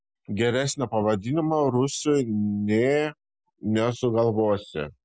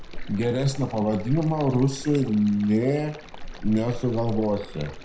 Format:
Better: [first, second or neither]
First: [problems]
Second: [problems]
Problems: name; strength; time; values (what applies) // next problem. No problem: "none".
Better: first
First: none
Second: background sound (Stream); 10 dB below the speech // room echo; dies away in 0.5 s